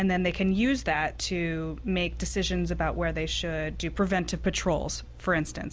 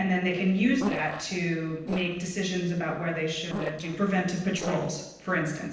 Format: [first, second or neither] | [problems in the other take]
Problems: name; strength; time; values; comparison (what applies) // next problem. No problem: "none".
first | noise reduction (neural separator model SepFormer DNS4)